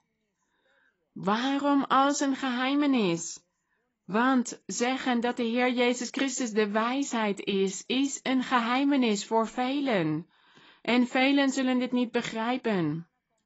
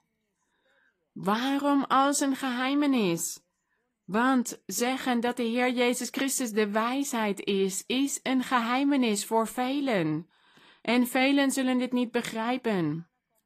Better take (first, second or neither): second